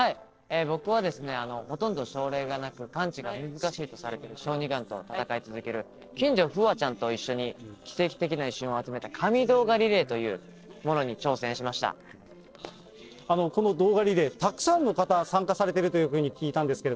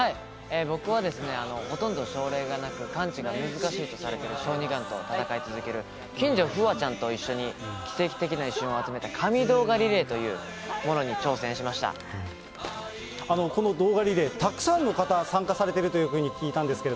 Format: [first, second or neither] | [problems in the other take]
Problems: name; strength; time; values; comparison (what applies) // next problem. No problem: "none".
second | noise reduction (neural separator model SepFormer DNS4)